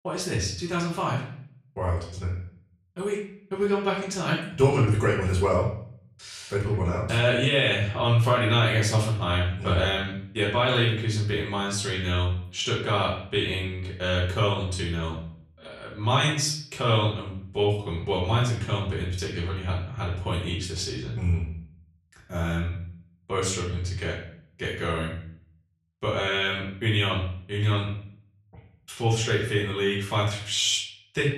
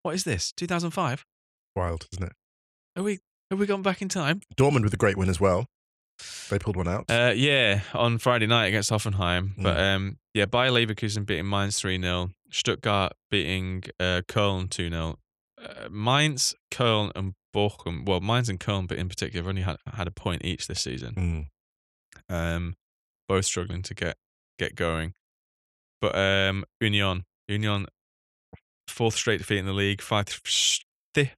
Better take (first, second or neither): second